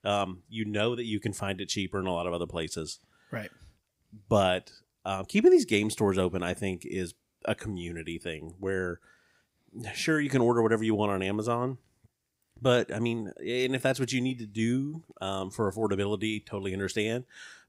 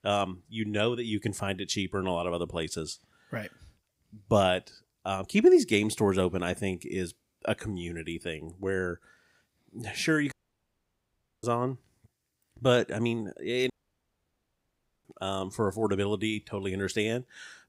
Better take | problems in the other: first | audio cutting out; at 10 s for 1 s and at 14 s for 1.5 s

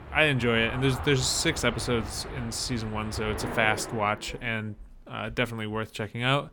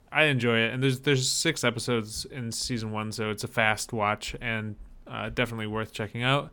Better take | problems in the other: second | train or aircraft noise; noticeable; until 4 s; 10 dB below the speech

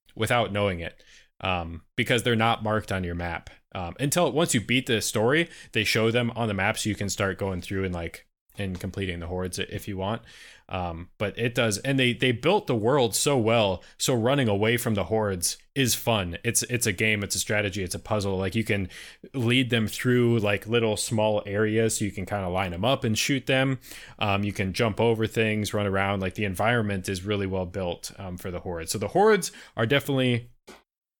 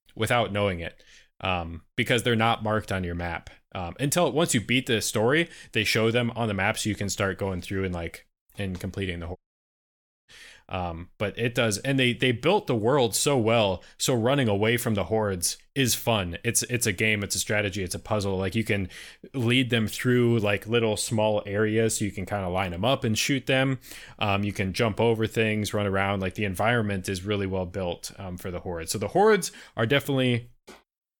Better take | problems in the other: first | audio cutting out; at 9.5 s for 1 s

